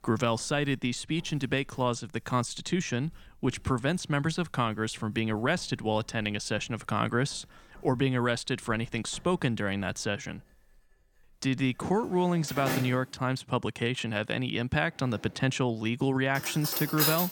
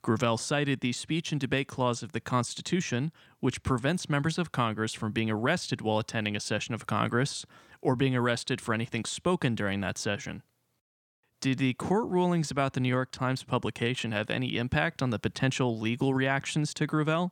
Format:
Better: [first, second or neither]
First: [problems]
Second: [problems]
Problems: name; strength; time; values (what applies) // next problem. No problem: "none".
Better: second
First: household noises; loud; throughout; 3 dB below the speech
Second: none